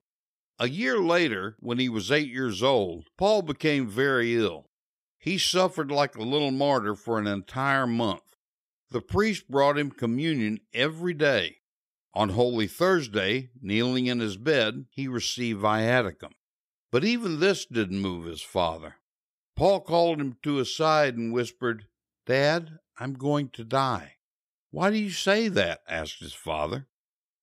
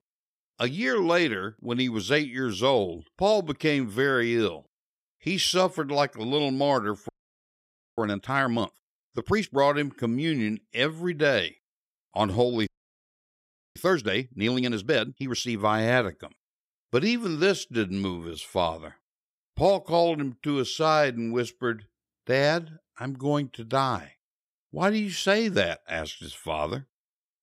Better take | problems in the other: first | audio freezing; at 7 s for 1 s and at 13 s for 1 s

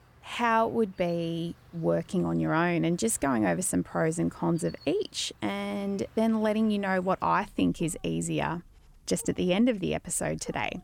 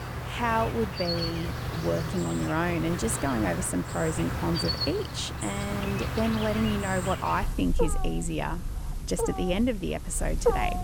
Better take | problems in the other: first | animal sounds; loud; throughout; 2 dB below the speech; faint in the first

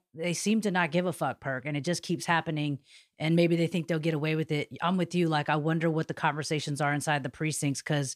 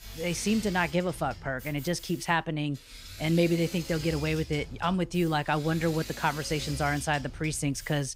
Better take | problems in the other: first | machinery noise; noticeable; throughout; 15 dB below the speech

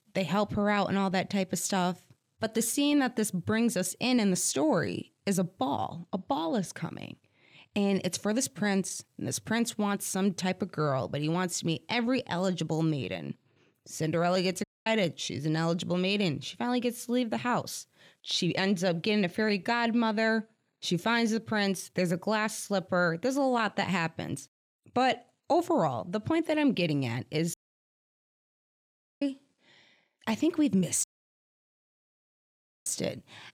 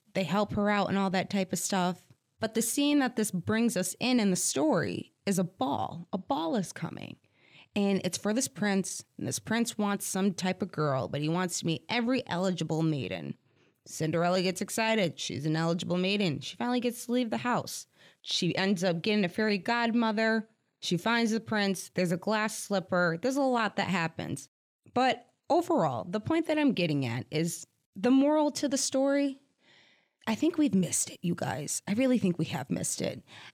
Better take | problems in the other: second | audio cutting out; at 15 s, at 28 s for 1.5 s and at 31 s for 2 s

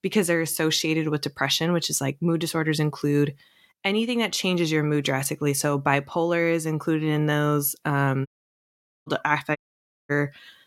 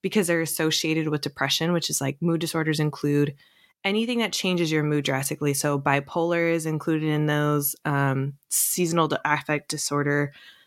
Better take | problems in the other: second | audio cutting out; at 8.5 s for 1 s and at 9.5 s for 0.5 s

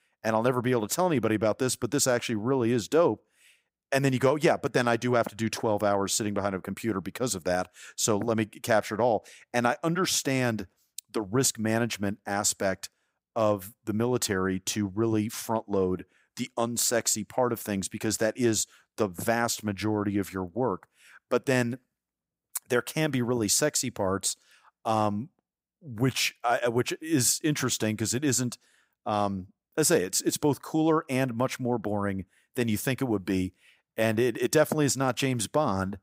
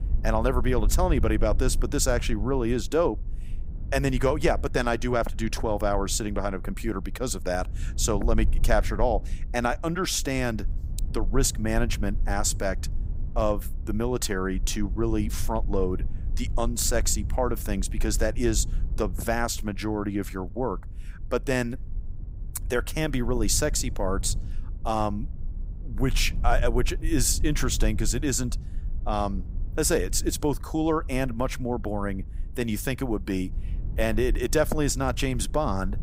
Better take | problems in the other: first | low rumble; faint; throughout; 20 dB below the speech

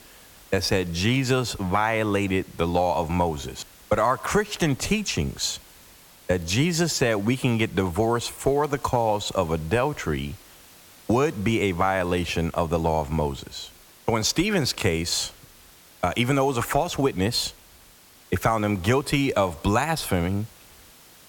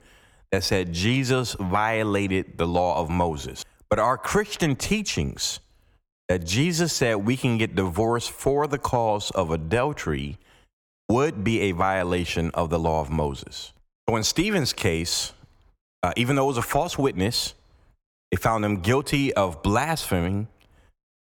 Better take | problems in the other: second | hiss; faint; throughout; 25 dB below the speech

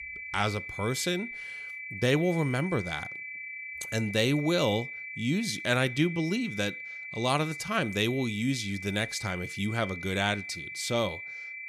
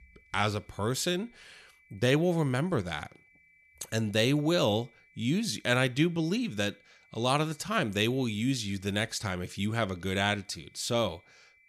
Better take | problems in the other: second | high-pitched whine; loud; throughout; 2.5 kHz, 8 dB below the speech; faint in the second

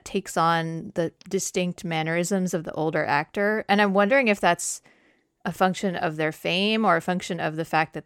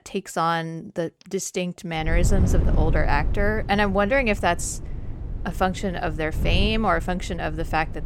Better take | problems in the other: first | wind noise on the microphone; occasional gusts; from 2 s on; 15 dB below the speech

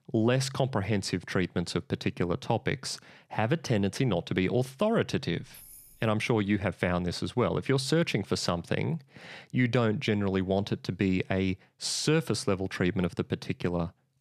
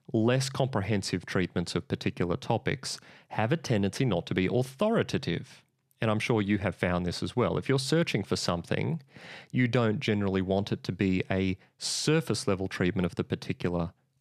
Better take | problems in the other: second | jangling keys; faint; at 5.5 s; peak 20 dB below the speech

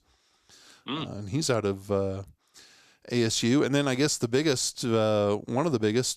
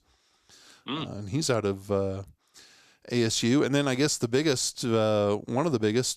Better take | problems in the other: neither | none

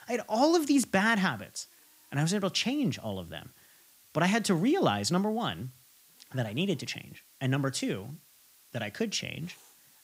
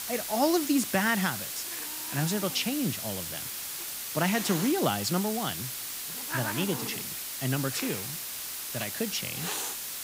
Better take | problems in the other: first | hiss; loud; throughout; 3 dB below the speech; faint in the first

